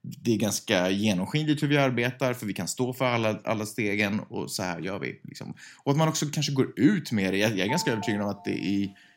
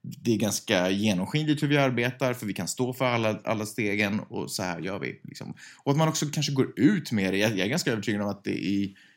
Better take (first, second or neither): second